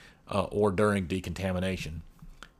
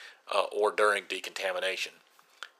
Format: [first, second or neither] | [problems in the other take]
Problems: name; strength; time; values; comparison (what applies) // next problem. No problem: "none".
first | thin; very; fading below 450 Hz